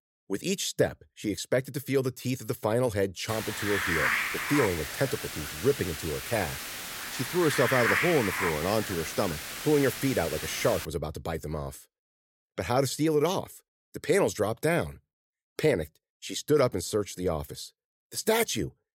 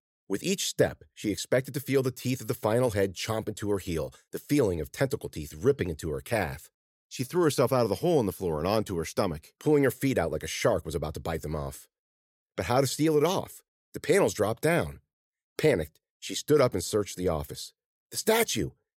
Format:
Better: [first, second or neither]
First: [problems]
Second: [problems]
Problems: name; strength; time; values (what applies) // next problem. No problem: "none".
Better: second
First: hiss; loud; from 3.5 to 11 s; 2 dB below the speech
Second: none